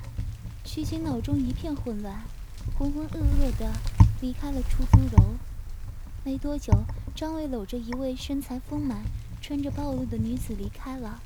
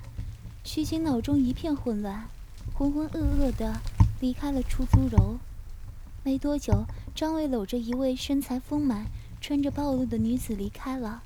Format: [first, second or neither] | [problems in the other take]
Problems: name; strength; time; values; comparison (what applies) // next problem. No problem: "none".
second | wind noise on the microphone; heavy; 3 dB below the speech; occasional gusts in the second